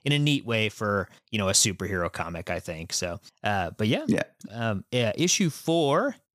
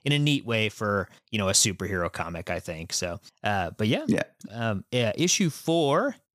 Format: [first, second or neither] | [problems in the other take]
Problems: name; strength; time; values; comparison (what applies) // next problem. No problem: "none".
neither | none